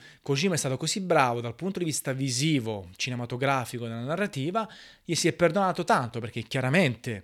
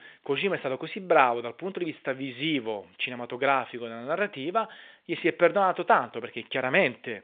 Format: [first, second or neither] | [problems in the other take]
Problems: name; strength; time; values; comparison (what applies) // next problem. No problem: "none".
first | phone-call audio